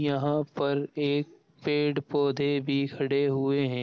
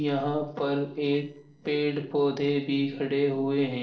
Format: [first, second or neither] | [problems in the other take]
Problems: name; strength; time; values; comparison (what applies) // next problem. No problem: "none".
first | noise reduction (neural separator model SepFormer DNS4)